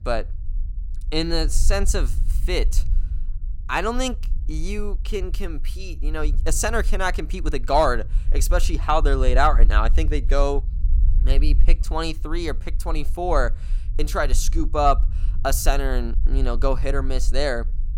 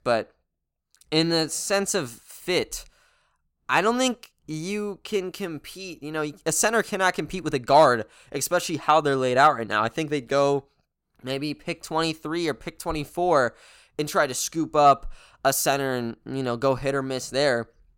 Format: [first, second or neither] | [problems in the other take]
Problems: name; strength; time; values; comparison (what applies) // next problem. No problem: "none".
second | low rumble; faint; throughout; 25 dB below the speech